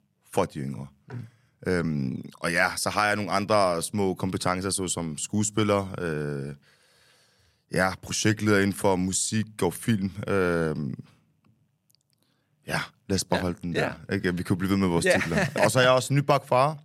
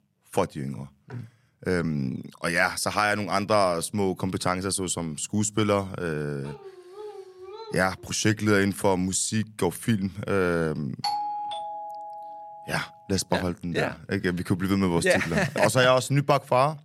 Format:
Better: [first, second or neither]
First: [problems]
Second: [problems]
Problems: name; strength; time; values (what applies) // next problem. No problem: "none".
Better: first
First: none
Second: dog barking; faint; from 6.5 to 8 s; peak 15 dB below the speech // doorbell; noticeable; from 11 to 13 s; peak 3 dB below the speech